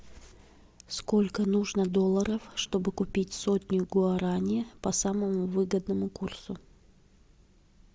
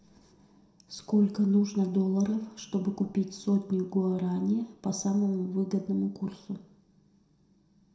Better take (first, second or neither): first